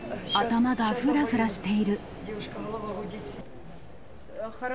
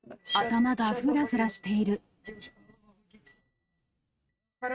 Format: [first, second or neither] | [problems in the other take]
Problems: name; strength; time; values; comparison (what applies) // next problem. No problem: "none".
first | noise reduction (neural mask model RNNoise)